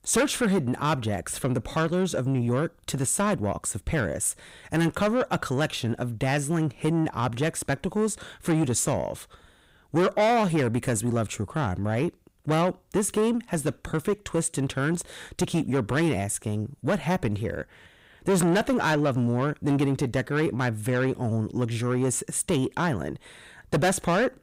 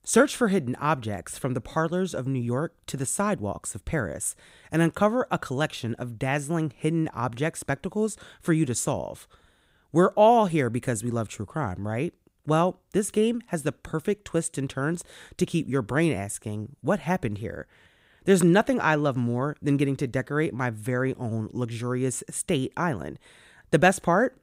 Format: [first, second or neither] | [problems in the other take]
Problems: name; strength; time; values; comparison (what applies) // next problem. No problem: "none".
second | distortion; heavy; 7 dB below the speech